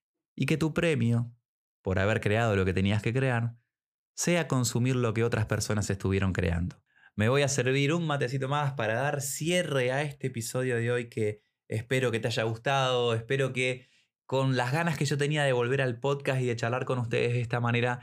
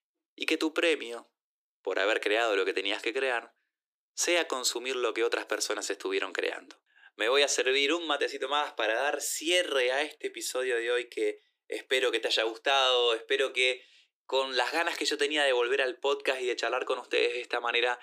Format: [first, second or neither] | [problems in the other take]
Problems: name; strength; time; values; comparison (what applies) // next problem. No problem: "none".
first | thin; very; fading below 300 Hz